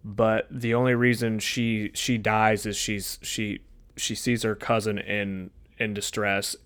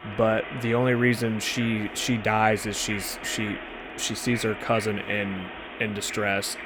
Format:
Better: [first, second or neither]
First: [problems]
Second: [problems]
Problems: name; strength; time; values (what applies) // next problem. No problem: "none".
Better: first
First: none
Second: animal sounds; noticeable; throughout; 10 dB below the speech